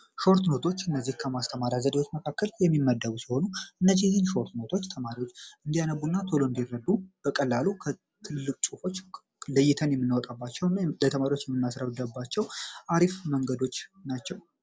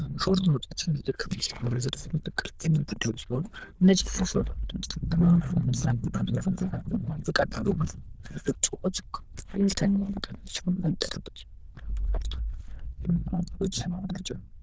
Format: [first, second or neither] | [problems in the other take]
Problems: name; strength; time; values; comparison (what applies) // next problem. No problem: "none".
first | noise reduction (neural diffusion model UNIVERSE++)